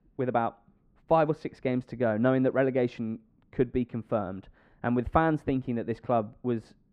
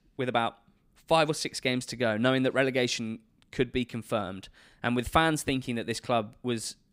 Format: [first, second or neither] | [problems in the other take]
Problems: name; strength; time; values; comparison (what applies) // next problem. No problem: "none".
second | muffled; very; fading above 3 kHz